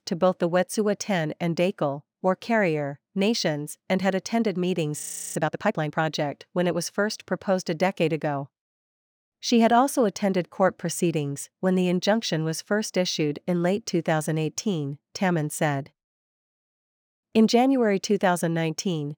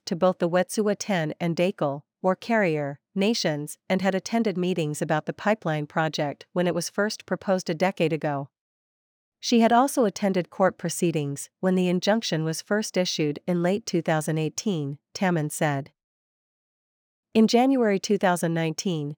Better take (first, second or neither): second